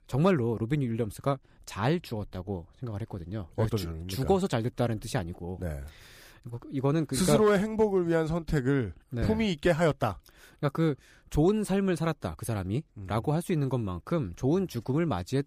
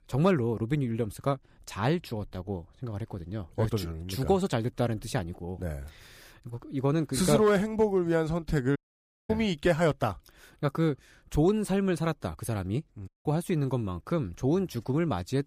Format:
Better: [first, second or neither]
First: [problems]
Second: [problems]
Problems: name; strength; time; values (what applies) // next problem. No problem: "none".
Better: first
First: none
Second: audio cutting out; at 9 s for 0.5 s and at 13 s